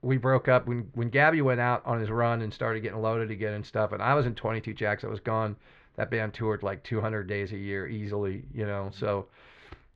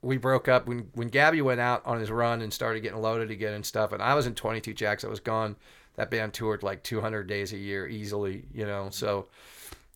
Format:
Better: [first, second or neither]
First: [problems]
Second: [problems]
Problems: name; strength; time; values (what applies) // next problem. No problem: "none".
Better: second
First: muffled; slightly; fading above 3 kHz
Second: none